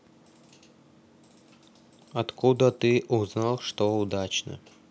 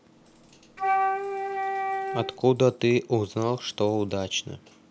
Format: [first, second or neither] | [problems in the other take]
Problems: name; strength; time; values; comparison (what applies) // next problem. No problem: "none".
first | background sound (Wind instrument, woodwind instrument); 1 dB below the speech